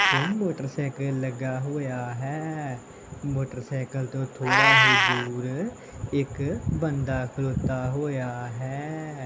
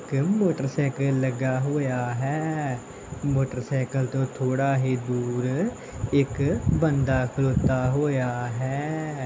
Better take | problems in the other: second | background sound (Meow); as loud as the speech

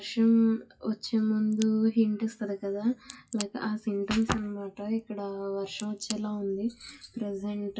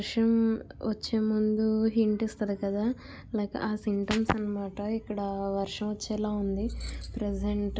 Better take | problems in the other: second | noise reduction (classical method WPE with log-MMSE)

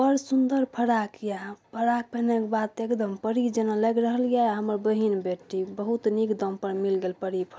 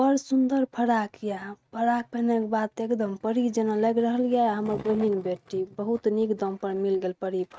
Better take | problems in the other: first | noise reduction (neural mask model RNNoise)

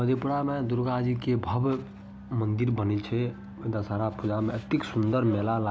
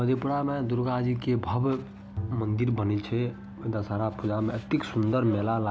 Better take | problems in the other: first | background sound (Bowed string instrument); 14 dB below the speech

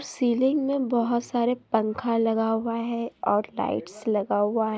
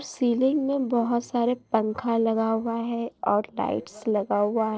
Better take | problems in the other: first | noise reduction (neural separator model SepFormer DNS4)

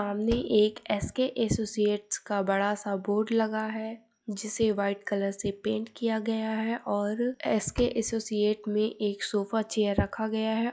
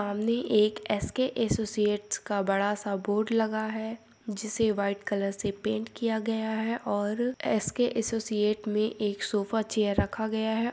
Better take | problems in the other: second | noise reduction (classical method log-MMSE)

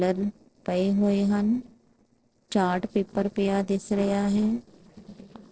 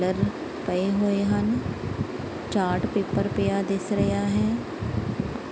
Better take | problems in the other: second | noise reduction (neural separator model SepFormer DNS4)

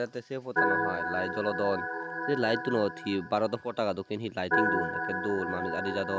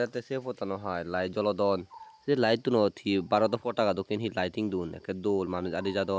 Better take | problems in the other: second | background sound (Organ); 1 dB below the speech

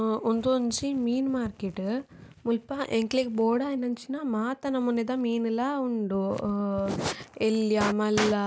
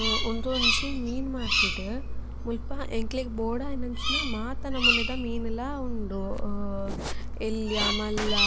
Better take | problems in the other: first | background sound (Engine + Bird vocalization, bird call, bird song); 4 dB above the speech

